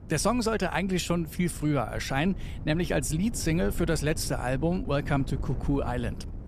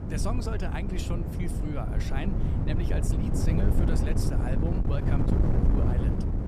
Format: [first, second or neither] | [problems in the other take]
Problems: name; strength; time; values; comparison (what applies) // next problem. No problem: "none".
first | wind noise on the microphone; heavy; 1 dB above the speech; occasional gusts in the first